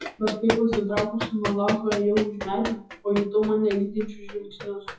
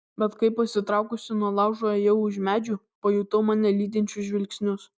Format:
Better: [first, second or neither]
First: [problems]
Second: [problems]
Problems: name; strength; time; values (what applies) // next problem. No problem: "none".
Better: second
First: noise reduction (classical method WPE with log-MMSE)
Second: none